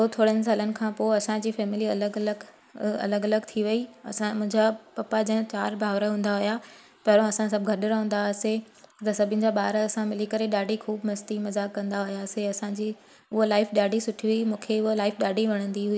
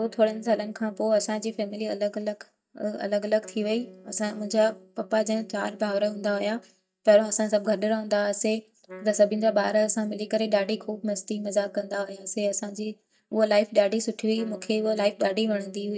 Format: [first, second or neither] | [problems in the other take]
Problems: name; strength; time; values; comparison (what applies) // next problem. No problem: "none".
first | noise reduction (neural mask model DeepFilterNet 3)